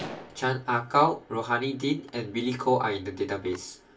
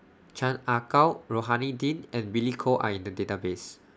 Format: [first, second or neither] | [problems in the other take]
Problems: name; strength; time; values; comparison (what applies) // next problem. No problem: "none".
second | background sound (Gunshot, gunfire); 20 dB below the speech // room echo; dies away in 0.2 s